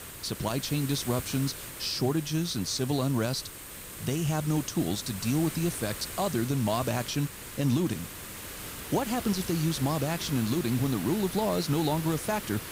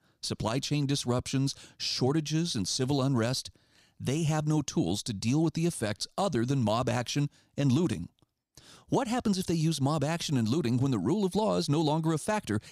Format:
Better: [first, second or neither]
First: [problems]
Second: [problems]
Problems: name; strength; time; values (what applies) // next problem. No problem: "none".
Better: second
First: hiss; loud; throughout; 9 dB below the speech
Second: none